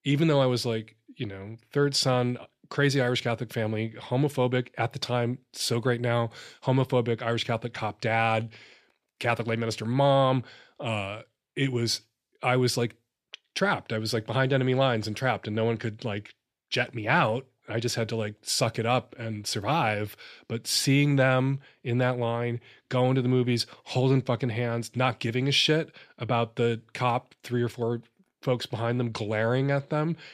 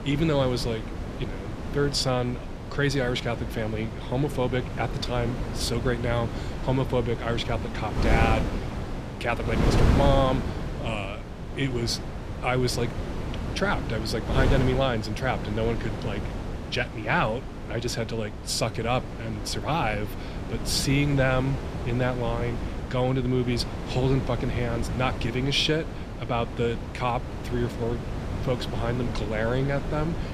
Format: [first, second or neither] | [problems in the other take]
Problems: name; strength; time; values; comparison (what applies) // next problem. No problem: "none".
first | wind noise on the microphone; heavy; 8 dB below the speech